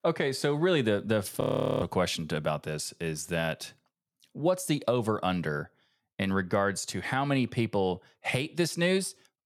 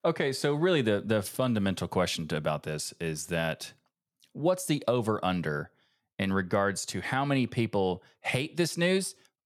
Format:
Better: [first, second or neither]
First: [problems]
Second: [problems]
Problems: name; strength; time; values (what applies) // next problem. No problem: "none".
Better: second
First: audio freezing; at 1.5 s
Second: none